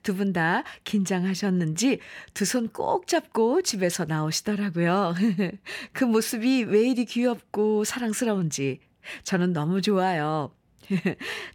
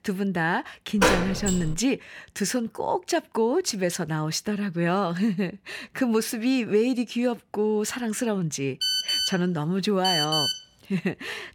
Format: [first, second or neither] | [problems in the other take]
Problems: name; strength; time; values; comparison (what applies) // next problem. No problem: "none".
first | door banging; loud; at 1 s; peak 4 dB above the speech // phone ringing; loud; from 9 to 11 s; peak 4 dB above the speech